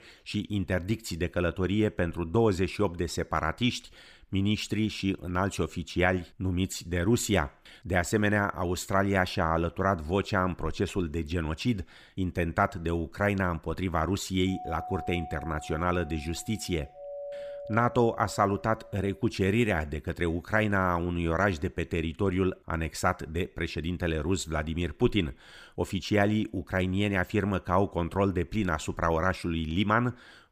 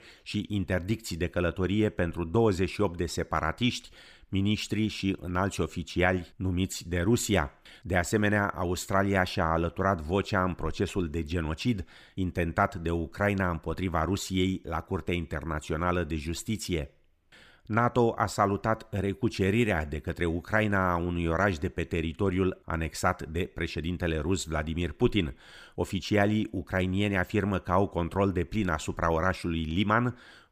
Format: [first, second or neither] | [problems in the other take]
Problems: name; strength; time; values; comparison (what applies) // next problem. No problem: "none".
second | doorbell; noticeable; from 14 to 19 s; peak 10 dB below the speech